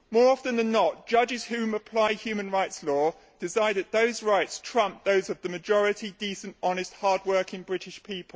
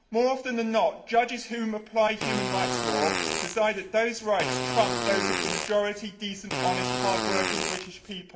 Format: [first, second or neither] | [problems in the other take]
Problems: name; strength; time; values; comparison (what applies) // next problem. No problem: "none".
first | background sound (Fart); 2 dB below the speech // room echo; dies away in 0.6 s